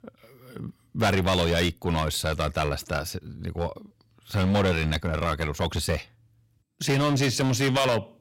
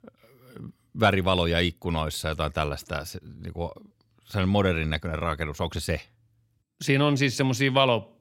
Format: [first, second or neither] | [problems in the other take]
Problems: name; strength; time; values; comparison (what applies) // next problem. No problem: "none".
second | distortion; heavy; 9% of the sound clipped